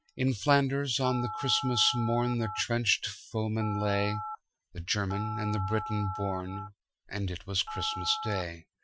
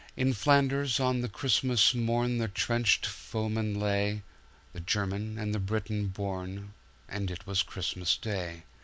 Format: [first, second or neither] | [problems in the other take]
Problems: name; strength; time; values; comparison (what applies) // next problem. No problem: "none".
second | noise reduction (classical method Wiener filter)